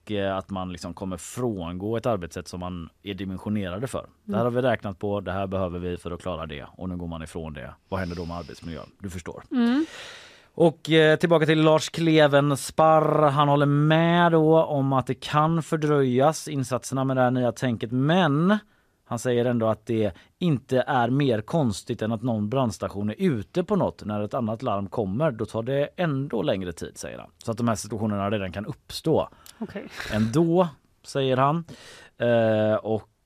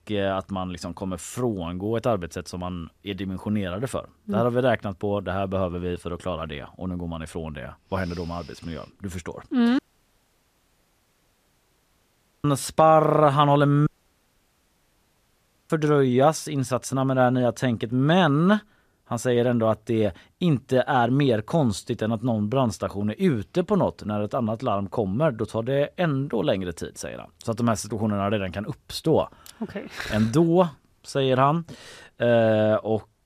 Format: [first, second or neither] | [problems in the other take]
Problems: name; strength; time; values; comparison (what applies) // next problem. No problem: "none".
first | audio cutting out; at 10 s for 2.5 s and at 14 s for 2 s